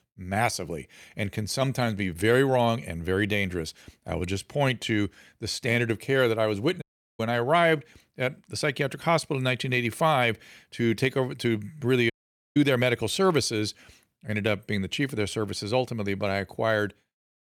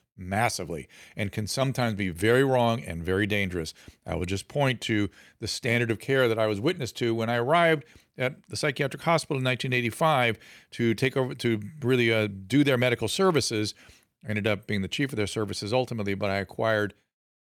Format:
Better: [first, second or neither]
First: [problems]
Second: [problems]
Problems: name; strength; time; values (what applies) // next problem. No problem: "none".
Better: second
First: audio cutting out; at 7 s and at 12 s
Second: none